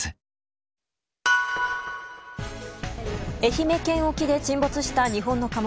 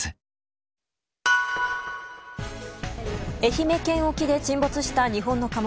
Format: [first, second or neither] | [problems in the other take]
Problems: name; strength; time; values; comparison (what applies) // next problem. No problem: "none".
second | background sound (Tambourine); 18 dB below the speech